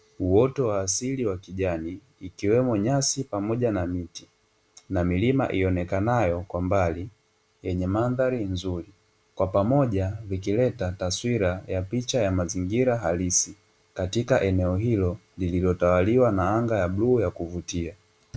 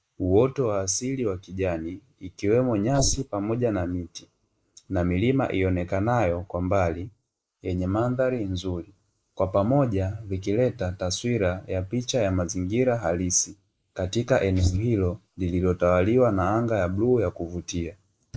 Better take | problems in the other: first | noise reduction (neural mask model Resemble Enhance denoiser)

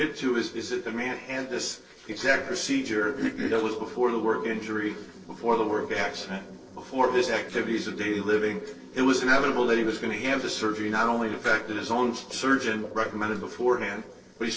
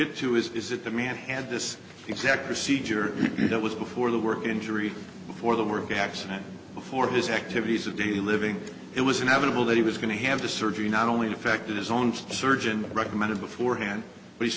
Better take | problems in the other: second | noise reduction (neural separator model SepFormer DNS4)

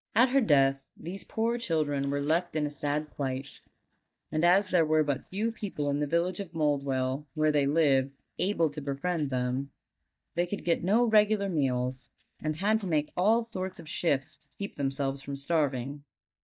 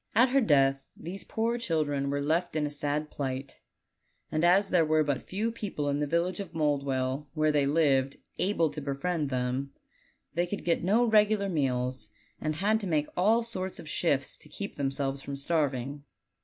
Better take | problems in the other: second | noise reduction (neural mask model DeepFilterNet 3)

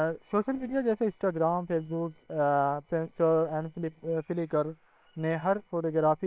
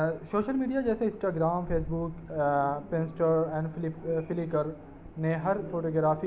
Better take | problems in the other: second | noise reduction (neural separator model SepFormer WHAM!)

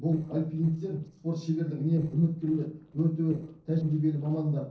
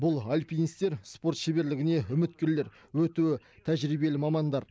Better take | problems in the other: second | noise reduction (neural separator model SepFormer DNS4)

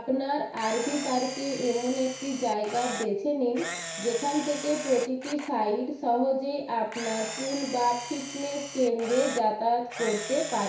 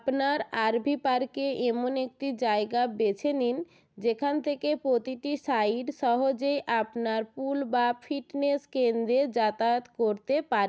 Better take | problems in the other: second | background sound (Camera); 11 dB below the speech // room echo; dies away in 0.6 s

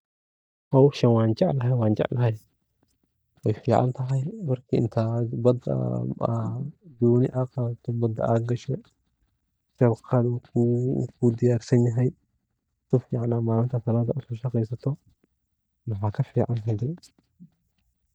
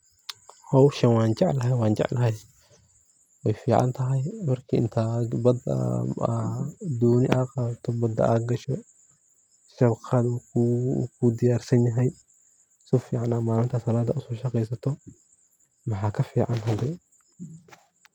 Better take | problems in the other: second | noise reduction (neural mask model DeepFilterNet 3)

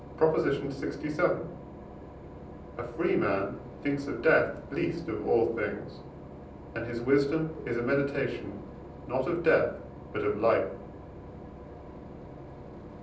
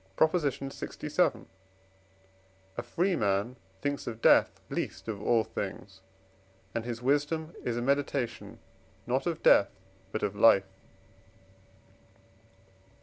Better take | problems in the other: second | background sound (Engine / Boat, Water vehicle); 14 dB below the speech // room echo; dies away in 0.6 s

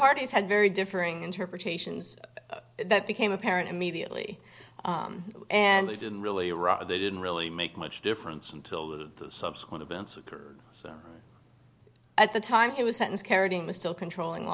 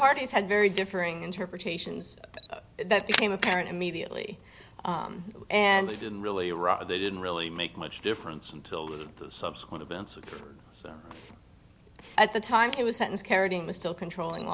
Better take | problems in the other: first | background sound (Camera); 13 dB below the speech

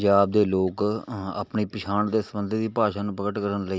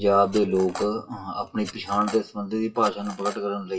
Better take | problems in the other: first | noise reduction (classical method WPE with log-MMSE)

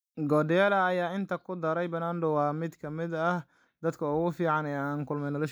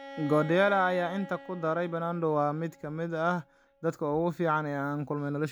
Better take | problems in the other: first | background sound (Bowed string instrument); 18 dB below the speech

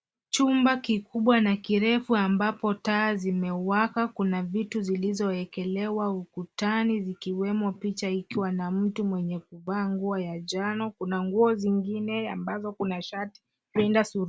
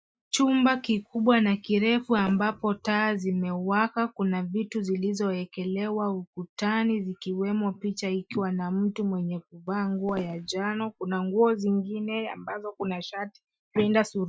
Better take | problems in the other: first | noise reduction (classical method Wiener filter)

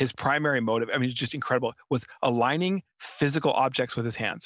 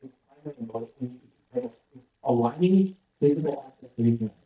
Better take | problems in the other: first | noise reduction (neural mask model DeepFilterNet 3)

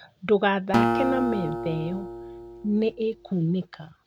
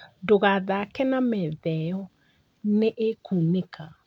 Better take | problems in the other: second | background sound (Acoustic guitar); 2 dB below the speech

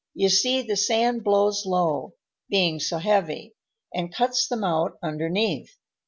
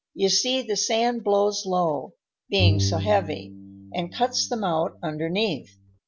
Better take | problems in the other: first | background sound (Bowed string instrument); 4 dB below the speech

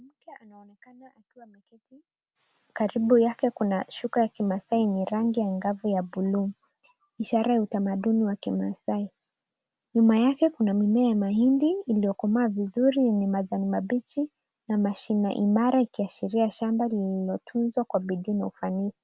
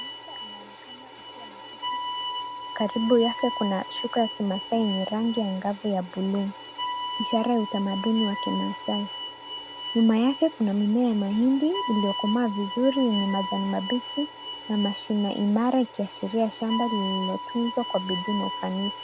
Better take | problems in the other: first | background sound (Bowed string instrument); 8 dB below the speech

